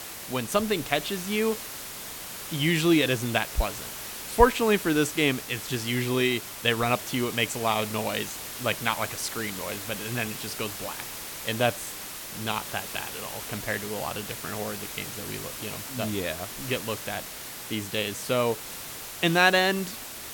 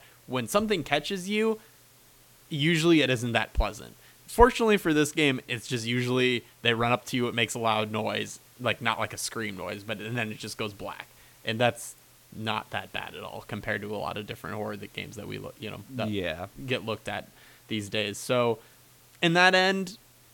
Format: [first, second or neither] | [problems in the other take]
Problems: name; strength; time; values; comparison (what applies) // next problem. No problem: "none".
second | hiss; loud; throughout; 8 dB below the speech; faint in the second